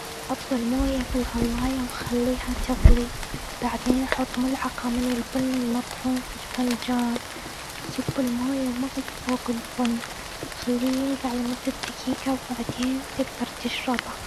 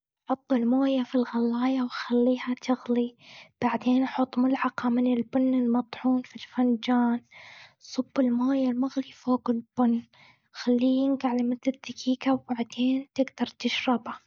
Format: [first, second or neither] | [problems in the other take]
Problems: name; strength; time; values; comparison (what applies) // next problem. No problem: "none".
second | background sound (Rain); 2 dB below the speech